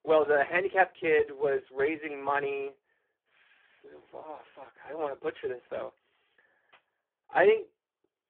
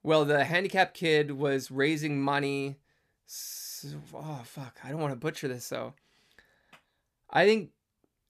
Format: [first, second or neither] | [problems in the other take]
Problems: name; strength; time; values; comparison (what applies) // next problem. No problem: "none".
second | phone-call audio; poor line